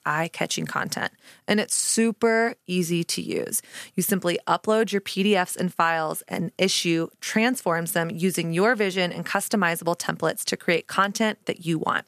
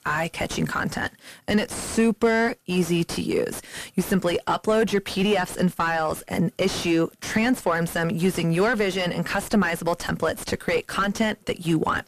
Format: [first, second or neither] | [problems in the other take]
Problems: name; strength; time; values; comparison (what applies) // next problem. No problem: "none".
first | distortion; heavy; 5 dB below the speech